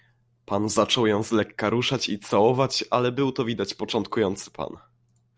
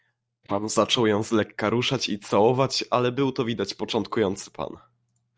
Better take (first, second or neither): first